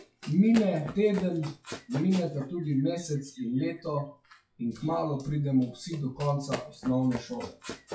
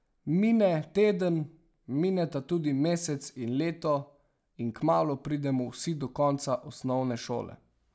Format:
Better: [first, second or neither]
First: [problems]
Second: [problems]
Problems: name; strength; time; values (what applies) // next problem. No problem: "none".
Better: second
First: noise reduction (classical method WPE with log-MMSE)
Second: none